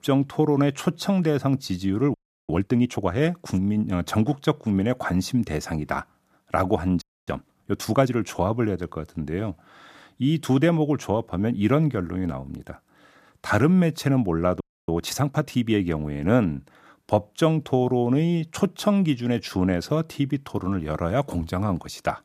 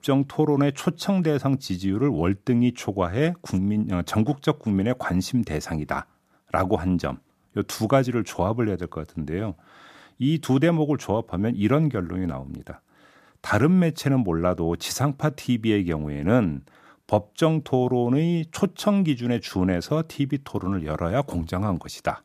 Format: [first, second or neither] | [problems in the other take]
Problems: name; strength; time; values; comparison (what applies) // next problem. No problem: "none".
second | audio freezing; at 2 s, at 7 s and at 15 s